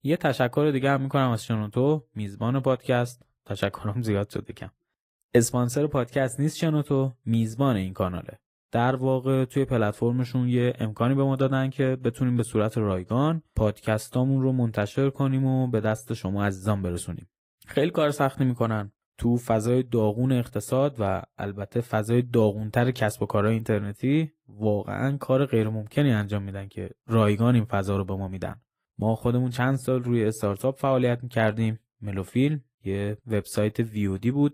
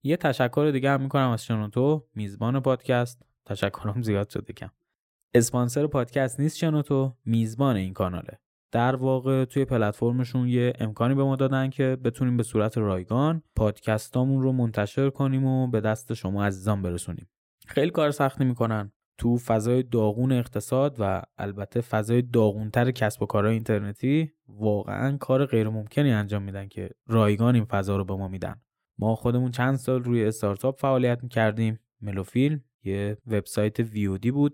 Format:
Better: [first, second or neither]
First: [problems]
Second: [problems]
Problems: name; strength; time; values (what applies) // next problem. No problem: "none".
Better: second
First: garbled, watery; slightly; nothing above 15 kHz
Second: none